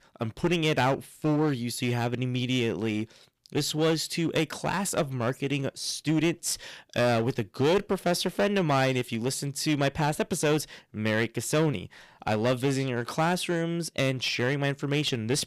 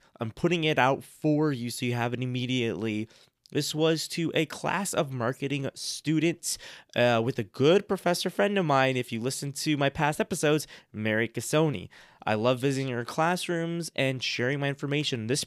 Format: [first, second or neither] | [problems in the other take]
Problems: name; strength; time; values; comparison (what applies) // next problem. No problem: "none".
second | distortion; slight; 7% of the sound clipped